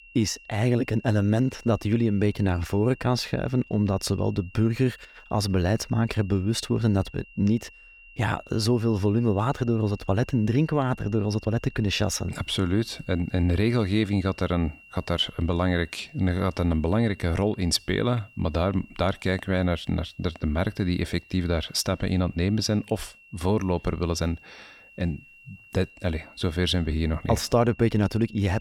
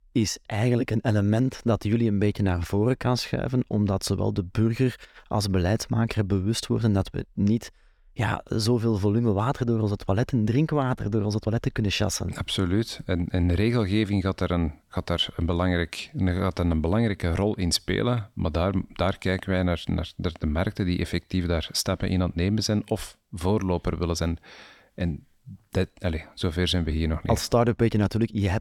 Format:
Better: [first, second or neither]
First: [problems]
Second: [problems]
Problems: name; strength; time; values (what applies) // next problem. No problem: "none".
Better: second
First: high-pitched whine; faint; throughout; 2.5 kHz, 25 dB below the speech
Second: none